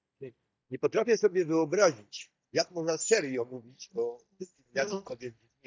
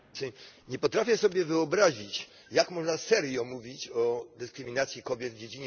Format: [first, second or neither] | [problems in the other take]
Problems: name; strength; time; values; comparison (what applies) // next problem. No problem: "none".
second | noise reduction (neural mask model DeepFilterNet 3)